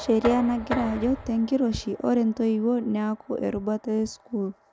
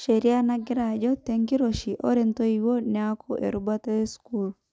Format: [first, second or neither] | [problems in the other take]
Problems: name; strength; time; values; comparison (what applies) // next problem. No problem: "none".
second | background sound (Knock); 14 dB below the speech